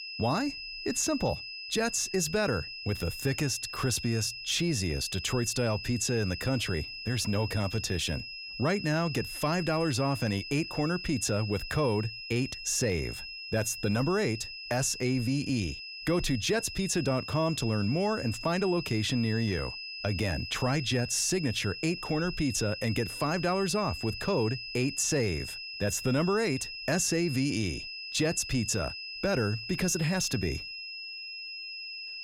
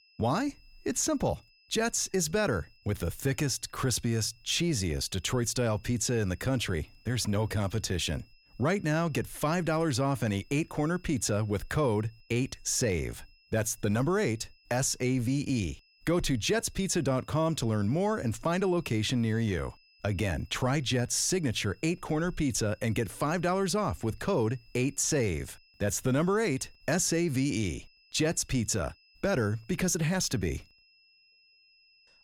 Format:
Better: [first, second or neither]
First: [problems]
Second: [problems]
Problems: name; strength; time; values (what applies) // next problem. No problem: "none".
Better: second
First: high-pitched whine; loud; throughout; 2.5 kHz, 8 dB below the speech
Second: high-pitched whine; faint; throughout; 2.5 kHz, 30 dB below the speech